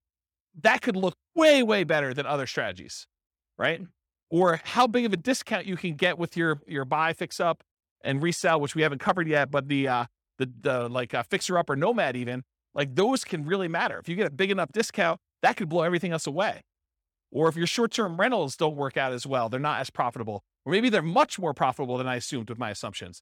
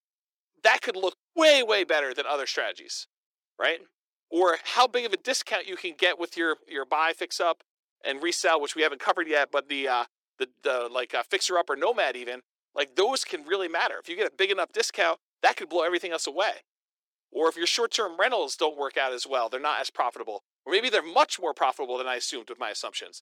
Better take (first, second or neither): first